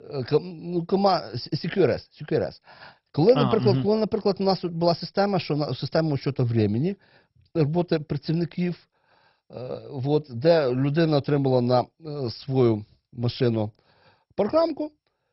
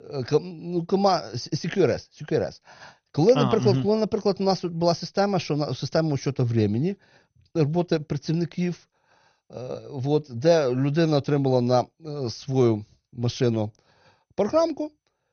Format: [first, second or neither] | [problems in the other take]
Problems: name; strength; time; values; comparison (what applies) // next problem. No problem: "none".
second | garbled, watery; badly; nothing above 5.5 kHz; slightly in the second